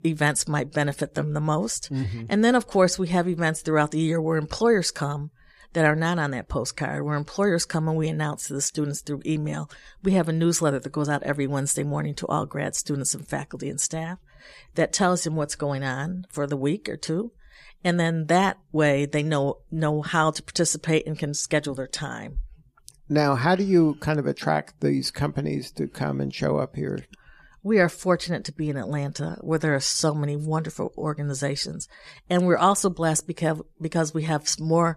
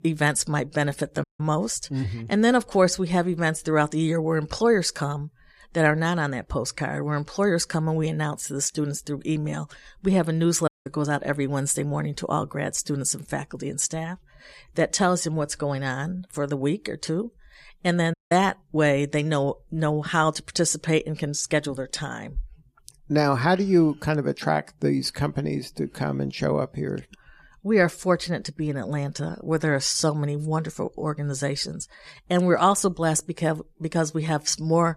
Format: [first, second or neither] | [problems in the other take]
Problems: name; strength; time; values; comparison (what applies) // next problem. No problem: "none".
first | audio cutting out; at 1 s, at 11 s and at 18 s